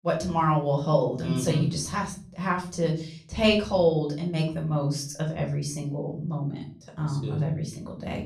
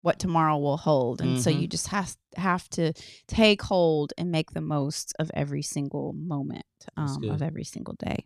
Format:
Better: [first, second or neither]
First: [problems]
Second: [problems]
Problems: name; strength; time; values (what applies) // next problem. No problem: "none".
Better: second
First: off-mic speech; far // room echo; slight; dies away in 0.5 s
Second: none